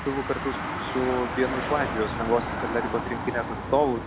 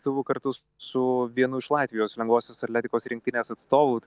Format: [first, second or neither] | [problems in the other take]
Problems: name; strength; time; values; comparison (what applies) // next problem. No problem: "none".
second | background sound (Motor vehicle (road)); 3 dB below the speech